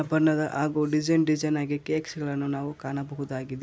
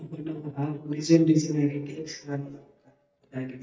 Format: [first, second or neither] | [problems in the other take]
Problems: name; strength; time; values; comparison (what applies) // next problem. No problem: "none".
first | noise reduction (neural mask model DeepFilterNet 3)